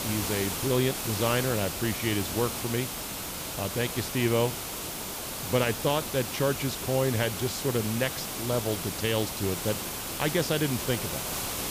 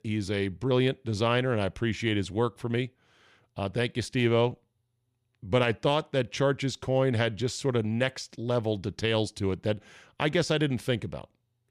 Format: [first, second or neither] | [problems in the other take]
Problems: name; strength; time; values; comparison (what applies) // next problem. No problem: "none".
second | hiss; loud; throughout; 3 dB below the speech